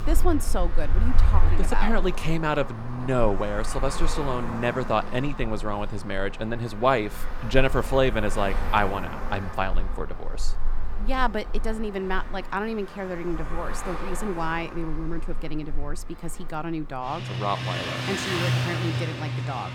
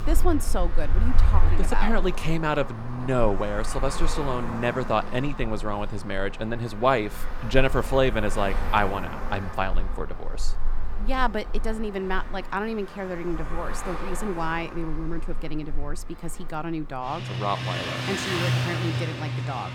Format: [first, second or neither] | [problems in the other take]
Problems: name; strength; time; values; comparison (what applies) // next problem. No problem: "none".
neither | traffic noise; loud; throughout; 3 dB below the speech; the same in both